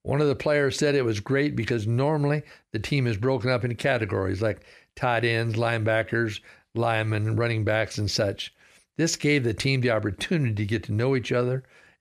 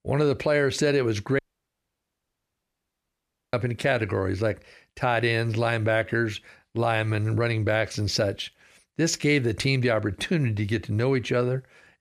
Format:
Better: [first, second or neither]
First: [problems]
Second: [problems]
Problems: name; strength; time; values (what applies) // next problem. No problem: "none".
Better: first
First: none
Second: audio cutting out; at 1.5 s for 2 s